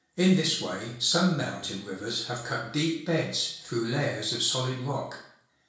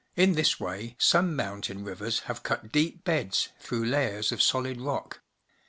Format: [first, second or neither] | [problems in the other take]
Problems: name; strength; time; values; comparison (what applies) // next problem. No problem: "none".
second | room echo; dies away in 0.6 s